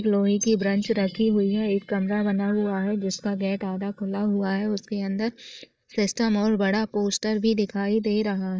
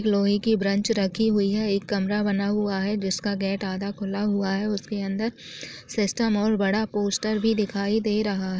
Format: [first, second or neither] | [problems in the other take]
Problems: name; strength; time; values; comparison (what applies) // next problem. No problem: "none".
second | noise reduction (neural mask model DeepFilterNet 3)